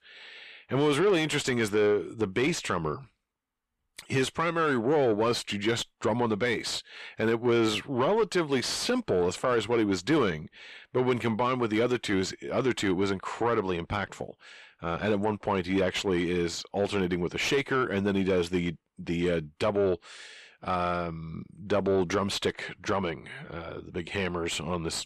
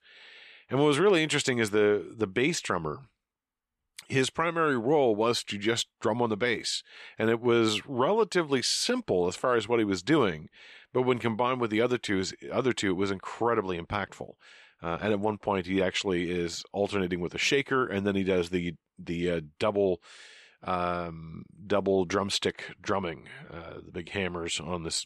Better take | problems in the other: second | distortion; slight; 10 dB below the speech

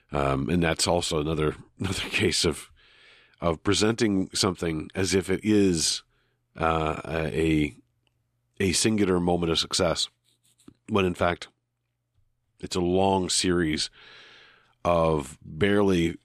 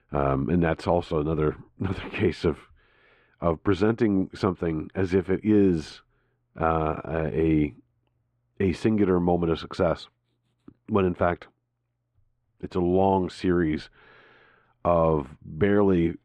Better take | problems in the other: first | muffled; very; fading above 3.5 kHz

